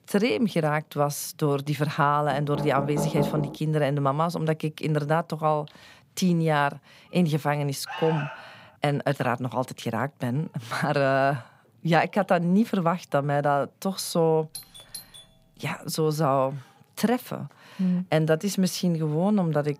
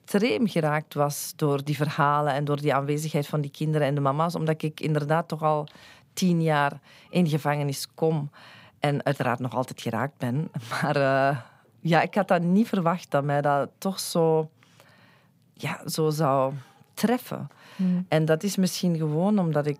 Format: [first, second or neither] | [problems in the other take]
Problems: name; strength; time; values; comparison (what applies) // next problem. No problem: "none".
second | door banging; noticeable; from 2.5 to 3.5 s; peak 3 dB below the speech // alarm; noticeable; at 8 s; peak 8 dB below the speech // doorbell; faint; at 15 s; peak 15 dB below the speech